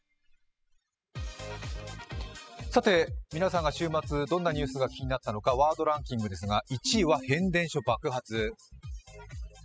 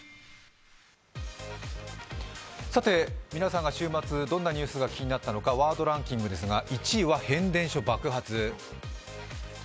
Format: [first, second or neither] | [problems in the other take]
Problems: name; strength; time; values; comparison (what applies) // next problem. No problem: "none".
second | noise reduction (classical method spectral subtraction)